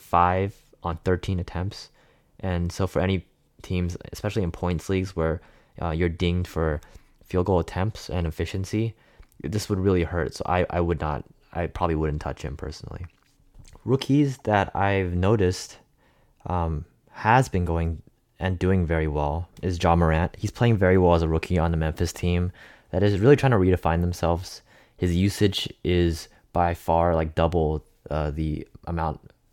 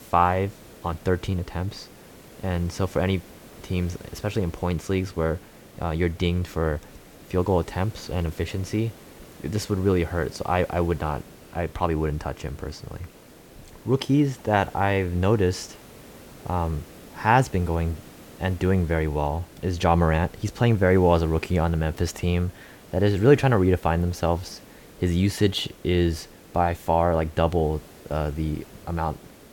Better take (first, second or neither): first